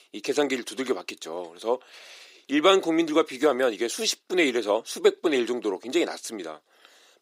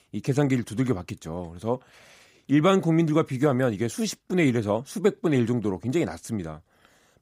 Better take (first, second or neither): second